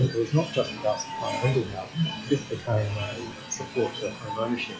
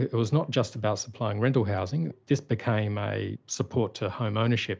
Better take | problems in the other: second | noise reduction (classical method log-MMSE)

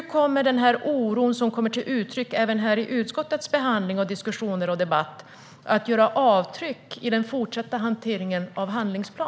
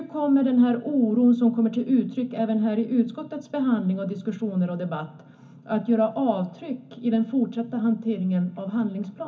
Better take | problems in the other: first | room echo; dies away in 0.3 s

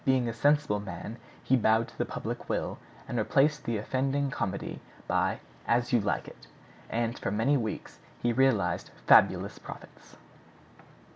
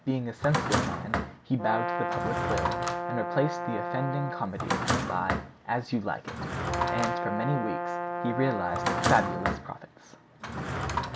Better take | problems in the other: first | background sound (Brass instrument + Drawer open or close); 1 dB above the speech

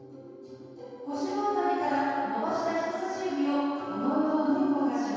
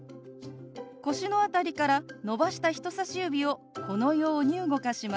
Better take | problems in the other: second | room echo; dies away in 2.2 s

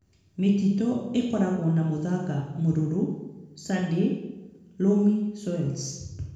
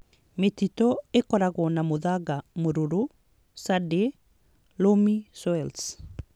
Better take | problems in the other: second | room echo; dies away in 1 s

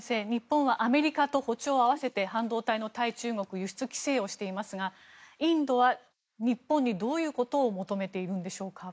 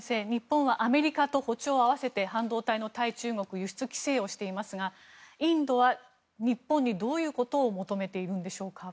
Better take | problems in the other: second | noise reduction (neural mask model Resemble Enhance denoiser)

